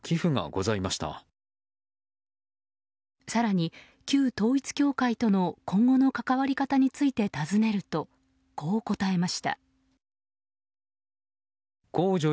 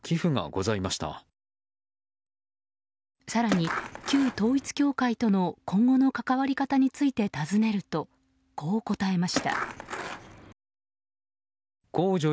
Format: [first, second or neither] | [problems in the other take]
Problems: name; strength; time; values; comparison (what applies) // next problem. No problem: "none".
first | background sound (Skateboard); 6 dB below the speech